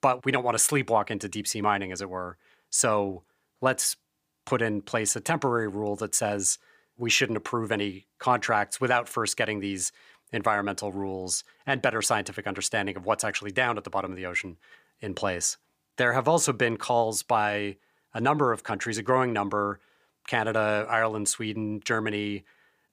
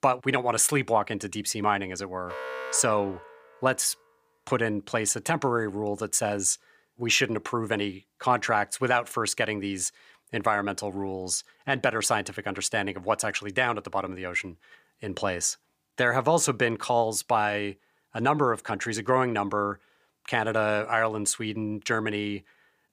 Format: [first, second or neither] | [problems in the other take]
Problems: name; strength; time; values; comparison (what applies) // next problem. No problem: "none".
first | alarm; noticeable; from 2.5 to 3.5 s; peak 8 dB below the speech